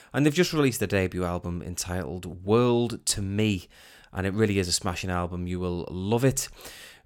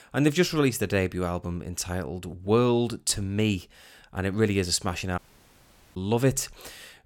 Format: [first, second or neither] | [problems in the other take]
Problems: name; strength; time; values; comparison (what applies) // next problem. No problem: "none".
first | audio cutting out; at 5 s for 1 s